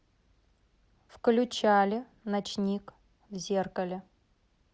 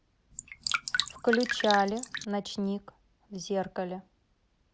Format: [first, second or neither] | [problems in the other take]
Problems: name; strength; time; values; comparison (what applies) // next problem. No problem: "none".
first | background sound (Drip); 2 dB below the speech